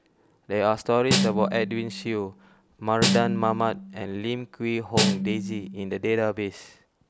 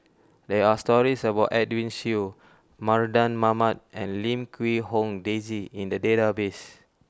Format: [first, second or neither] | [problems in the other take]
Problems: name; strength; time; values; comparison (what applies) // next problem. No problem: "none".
second | background sound (Snare drum); 2 dB below the speech